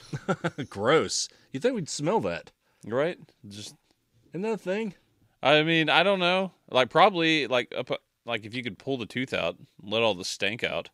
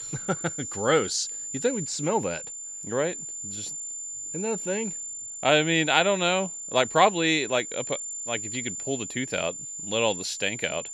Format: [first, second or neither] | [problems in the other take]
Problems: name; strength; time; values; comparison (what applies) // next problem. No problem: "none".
first | high-pitched whine; loud; throughout; 7 kHz, 7 dB below the speech